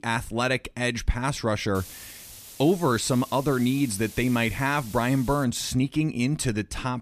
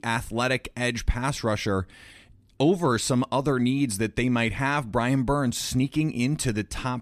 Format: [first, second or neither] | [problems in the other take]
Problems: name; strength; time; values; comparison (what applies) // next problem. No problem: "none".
second | hiss; noticeable; from 2 to 5.5 s; 15 dB below the speech